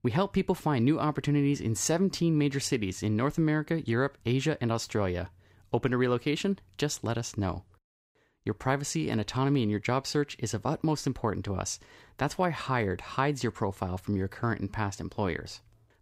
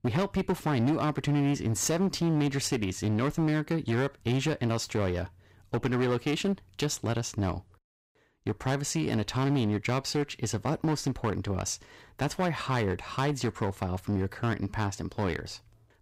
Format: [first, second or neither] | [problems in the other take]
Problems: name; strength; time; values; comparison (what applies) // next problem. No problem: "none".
first | distortion; slight; 10% of the sound clipped